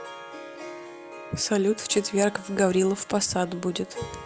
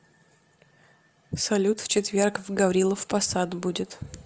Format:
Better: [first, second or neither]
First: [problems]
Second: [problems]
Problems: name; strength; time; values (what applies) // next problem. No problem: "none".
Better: second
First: background sound (Harp); 15 dB below the speech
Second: none